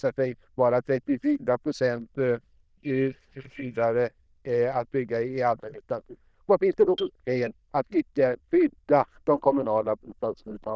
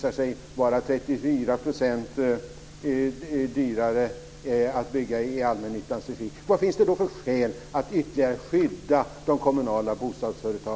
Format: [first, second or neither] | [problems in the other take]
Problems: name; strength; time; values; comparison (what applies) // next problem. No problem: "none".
second | noise reduction (neural diffusion model UNIVERSE++)